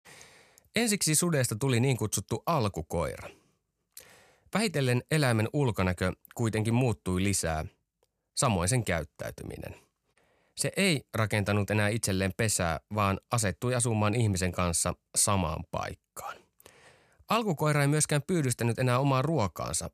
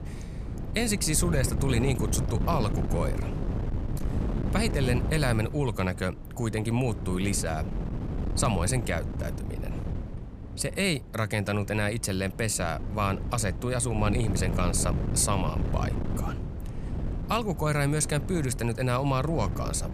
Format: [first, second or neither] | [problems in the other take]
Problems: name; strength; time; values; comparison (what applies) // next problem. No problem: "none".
first | wind noise on the microphone; occasional gusts; 10 dB below the speech